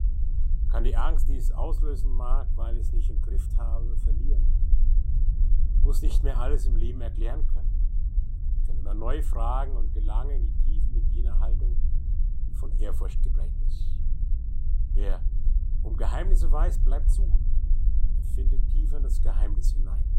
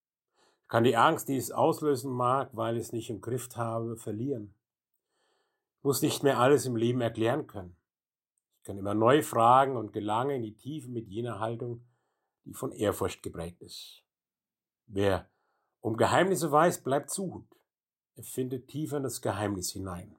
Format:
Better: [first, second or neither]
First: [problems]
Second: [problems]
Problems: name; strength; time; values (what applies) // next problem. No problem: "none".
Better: second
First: low rumble; noticeable; throughout; 10 dB below the speech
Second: none